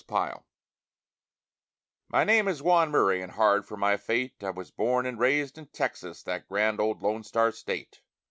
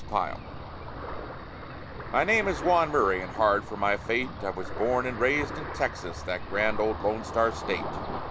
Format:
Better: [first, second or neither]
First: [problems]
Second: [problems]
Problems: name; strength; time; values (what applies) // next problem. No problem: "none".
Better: first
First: none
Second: background sound (Ocean); 7 dB below the speech